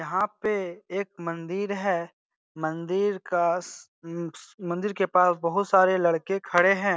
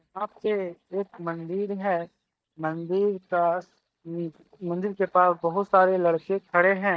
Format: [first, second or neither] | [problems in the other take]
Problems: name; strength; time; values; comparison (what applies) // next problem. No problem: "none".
first | noise reduction (neural mask model DeepFilterNet 3)